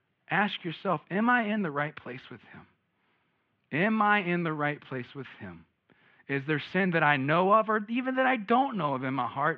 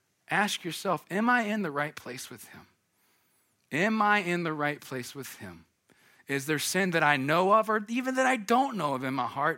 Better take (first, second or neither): second